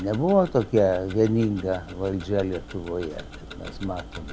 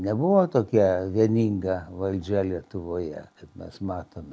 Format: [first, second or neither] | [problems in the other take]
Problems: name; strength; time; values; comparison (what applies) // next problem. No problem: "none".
second | background sound (Tick-tock); 15 dB below the speech